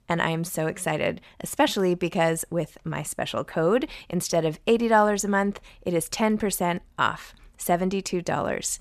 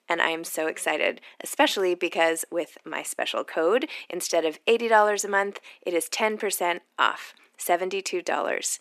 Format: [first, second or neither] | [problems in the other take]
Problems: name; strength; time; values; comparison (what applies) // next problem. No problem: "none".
first | thin; somewhat; fading below 300 Hz